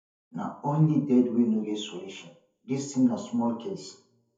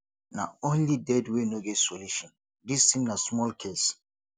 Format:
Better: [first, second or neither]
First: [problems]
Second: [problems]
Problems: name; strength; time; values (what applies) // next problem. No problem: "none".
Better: second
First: room echo; dies away in 0.5 s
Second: none